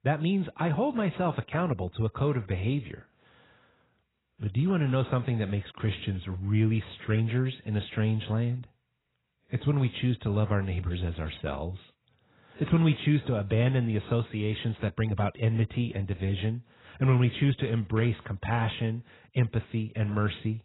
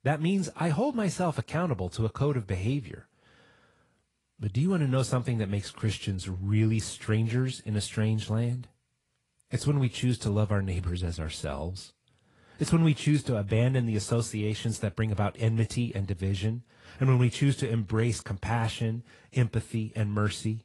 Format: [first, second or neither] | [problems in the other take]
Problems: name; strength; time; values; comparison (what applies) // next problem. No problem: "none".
second | garbled, watery; badly; nothing above 4 kHz; slightly in the second